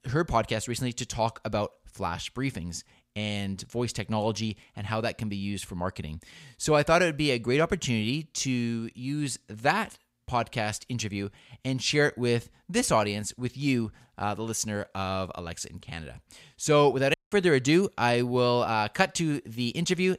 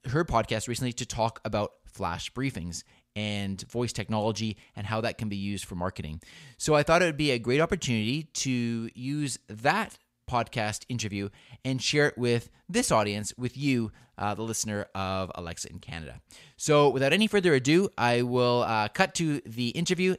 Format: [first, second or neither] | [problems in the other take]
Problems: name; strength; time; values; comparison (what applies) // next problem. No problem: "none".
second | audio cutting out; at 17 s